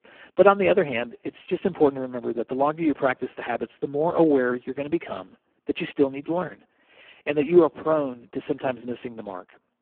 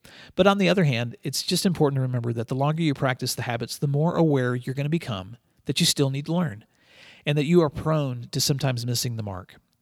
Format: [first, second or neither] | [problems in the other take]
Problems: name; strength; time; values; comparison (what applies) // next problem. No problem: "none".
second | phone-call audio; poor line